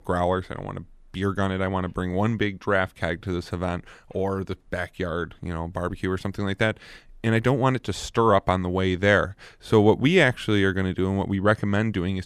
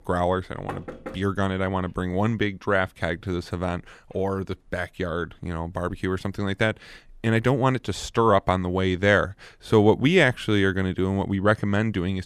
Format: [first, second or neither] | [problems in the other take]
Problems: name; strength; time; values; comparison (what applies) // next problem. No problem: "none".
first | door banging; faint; at 0.5 s; peak 15 dB below the speech